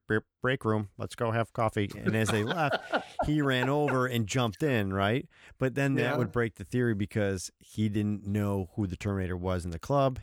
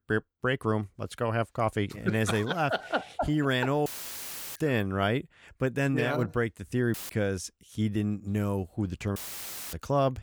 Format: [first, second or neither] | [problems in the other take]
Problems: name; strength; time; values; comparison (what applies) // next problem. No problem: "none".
first | audio cutting out; filled with static; at 4 s for 0.5 s, at 7 s and at 9 s for 0.5 s